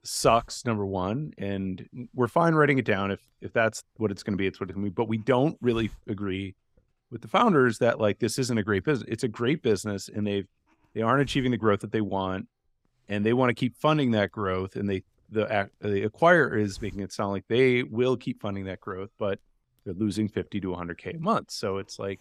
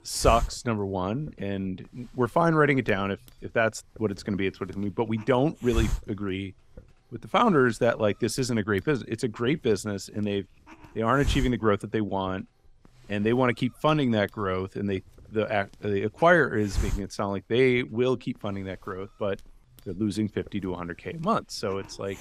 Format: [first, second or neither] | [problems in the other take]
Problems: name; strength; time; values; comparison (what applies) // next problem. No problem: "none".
first | hiss; loud; throughout; 10 dB below the speech; faint in the first